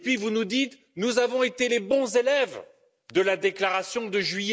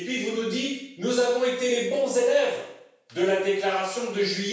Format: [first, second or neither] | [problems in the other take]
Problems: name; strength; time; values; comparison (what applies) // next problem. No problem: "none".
first | room echo; dies away in 0.7 s